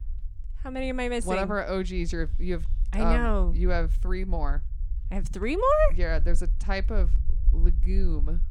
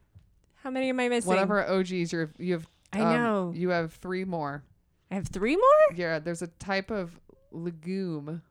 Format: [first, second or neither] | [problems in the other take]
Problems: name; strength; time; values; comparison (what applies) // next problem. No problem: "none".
second | low rumble; faint; throughout; 25 dB below the speech